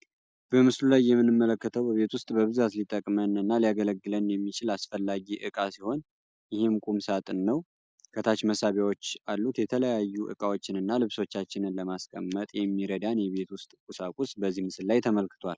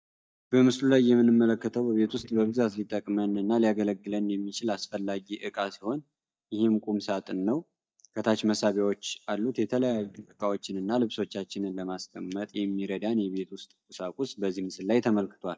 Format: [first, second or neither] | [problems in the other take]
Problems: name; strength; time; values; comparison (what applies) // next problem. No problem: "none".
first | noise reduction (neural mask model DeepFilterNet 3)